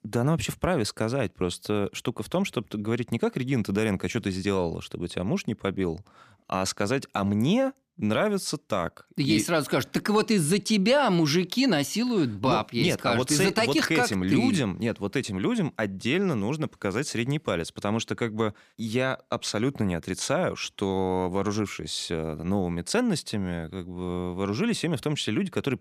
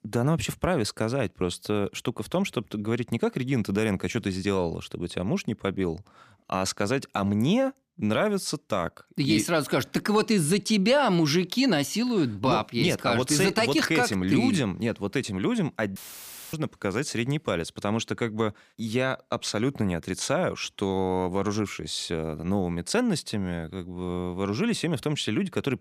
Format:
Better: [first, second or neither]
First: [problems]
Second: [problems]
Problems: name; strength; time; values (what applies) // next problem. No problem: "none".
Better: first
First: none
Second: audio cutting out; filled with static; at 16 s for 0.5 s